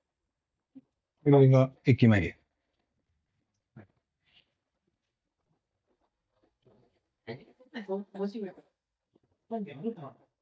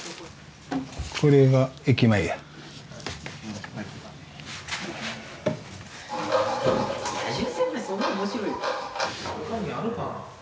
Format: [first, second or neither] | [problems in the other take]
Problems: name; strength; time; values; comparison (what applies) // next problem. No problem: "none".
second | noise reduction (neural mask model DeepFilterNet 3)